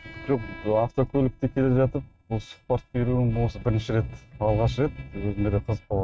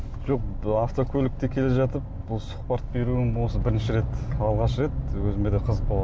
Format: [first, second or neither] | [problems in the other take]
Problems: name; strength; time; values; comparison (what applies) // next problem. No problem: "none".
second | noise reduction (neural mask model RNNoise)